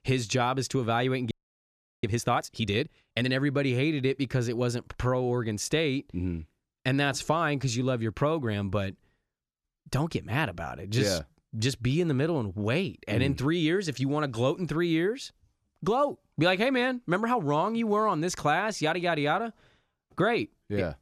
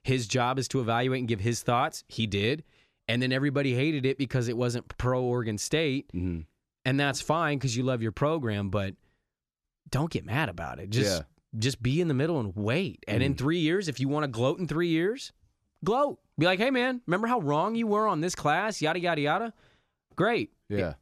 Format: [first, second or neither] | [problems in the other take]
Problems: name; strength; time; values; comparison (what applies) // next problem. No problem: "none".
second | audio freezing; at 1.5 s for 0.5 s